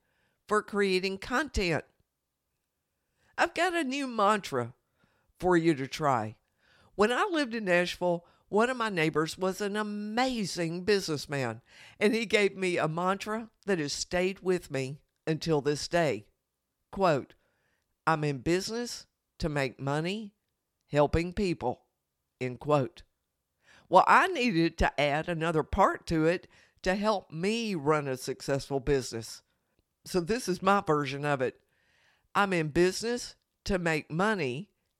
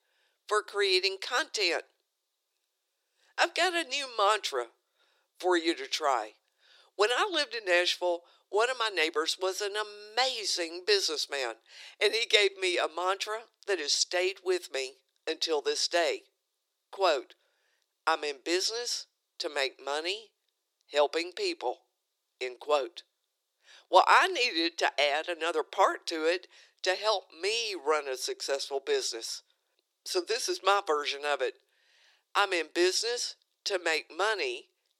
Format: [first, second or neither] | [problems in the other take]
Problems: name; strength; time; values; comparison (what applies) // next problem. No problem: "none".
first | thin; very; fading below 350 Hz